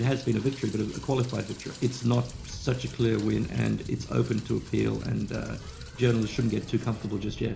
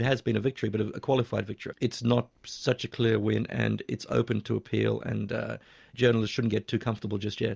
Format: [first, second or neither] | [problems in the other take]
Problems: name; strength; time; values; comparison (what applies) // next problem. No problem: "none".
second | background sound (Rain); 14 dB below the speech // room echo; dies away in 0.4 s